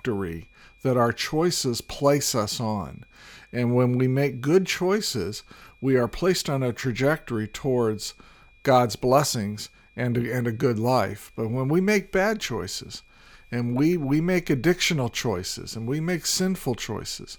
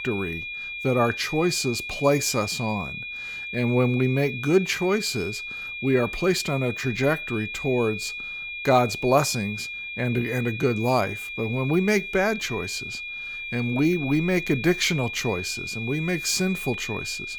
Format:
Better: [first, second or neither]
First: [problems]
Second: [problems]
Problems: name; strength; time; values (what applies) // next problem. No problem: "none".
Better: first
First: high-pitched whine; faint; throughout; 2.5 kHz, 35 dB below the speech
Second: high-pitched whine; loud; throughout; 2.5 kHz, 7 dB below the speech